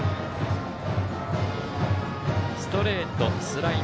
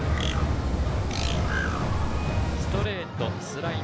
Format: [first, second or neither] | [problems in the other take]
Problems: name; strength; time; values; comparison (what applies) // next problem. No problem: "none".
first | background sound (Bird); 4 dB above the speech